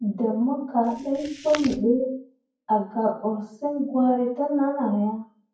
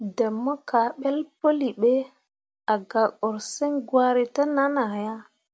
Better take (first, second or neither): second